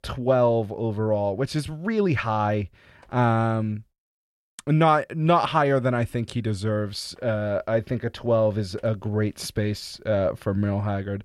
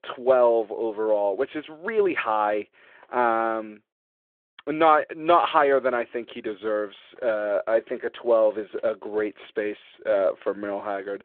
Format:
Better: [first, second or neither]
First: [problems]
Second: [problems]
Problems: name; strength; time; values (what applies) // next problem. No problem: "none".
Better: first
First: none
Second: phone-call audio